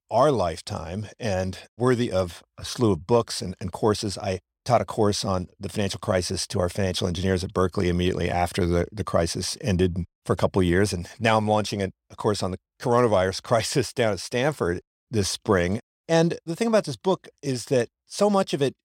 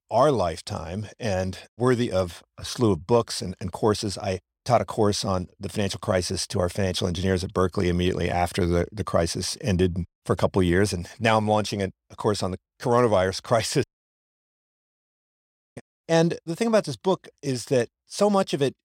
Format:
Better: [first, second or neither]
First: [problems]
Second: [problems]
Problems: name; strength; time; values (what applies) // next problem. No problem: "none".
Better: first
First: none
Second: audio cutting out; at 14 s for 2 s